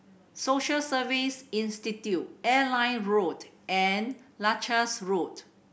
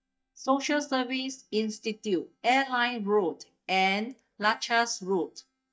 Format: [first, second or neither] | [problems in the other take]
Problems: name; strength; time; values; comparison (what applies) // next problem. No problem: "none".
first | noise reduction (neural mask model DeepFilterNet 3)